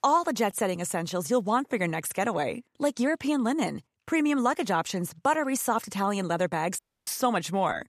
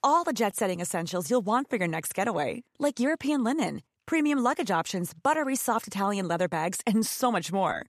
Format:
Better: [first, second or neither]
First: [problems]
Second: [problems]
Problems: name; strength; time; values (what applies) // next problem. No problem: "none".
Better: second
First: audio cutting out; at 7 s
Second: none